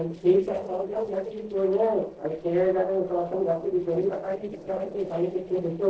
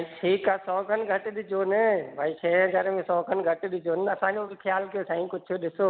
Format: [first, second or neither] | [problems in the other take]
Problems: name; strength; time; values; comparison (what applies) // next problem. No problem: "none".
second | noise reduction (neural separator model SepFormer DNS4)